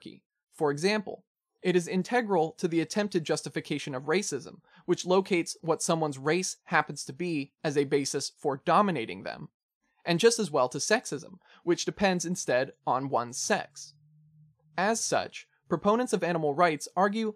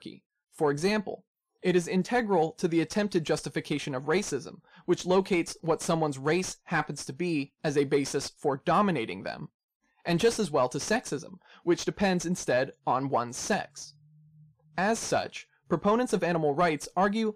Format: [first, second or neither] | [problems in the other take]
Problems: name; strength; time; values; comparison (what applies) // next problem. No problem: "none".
first | distortion; slight; 10 dB below the speech